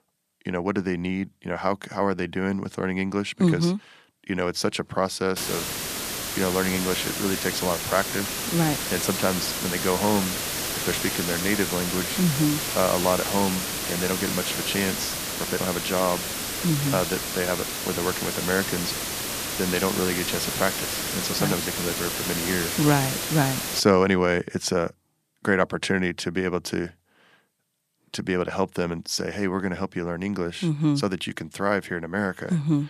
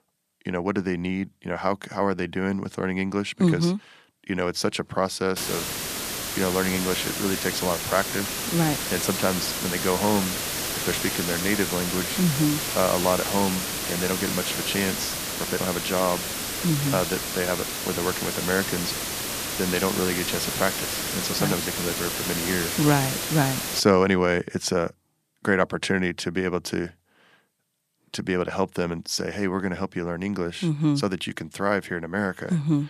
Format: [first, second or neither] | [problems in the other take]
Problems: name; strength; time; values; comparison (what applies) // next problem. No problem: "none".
neither | hiss; loud; from 5.5 to 24 s; 1 dB below the speech; the same in both